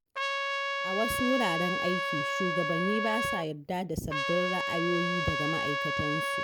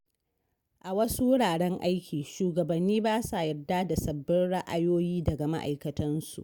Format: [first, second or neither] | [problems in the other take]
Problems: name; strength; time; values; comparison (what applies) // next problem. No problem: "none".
second | background sound (Trumpet); 1 dB above the speech